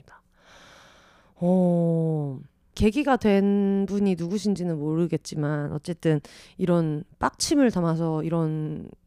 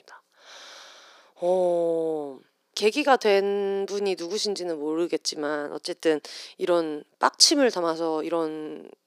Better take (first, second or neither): first